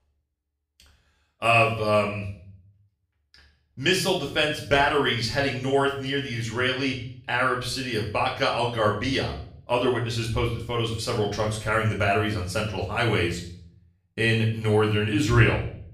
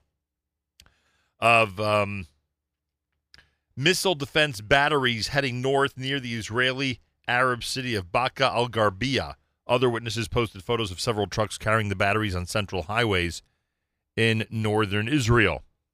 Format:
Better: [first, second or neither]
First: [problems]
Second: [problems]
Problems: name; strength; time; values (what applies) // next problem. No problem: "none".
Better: second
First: room echo; slight; dies away in 0.5 s // off-mic speech; far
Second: none